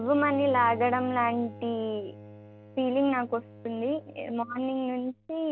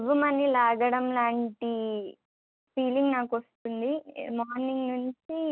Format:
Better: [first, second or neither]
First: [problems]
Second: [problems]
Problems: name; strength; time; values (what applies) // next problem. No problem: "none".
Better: second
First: background sound (Bowed string instrument); 17 dB below the speech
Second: none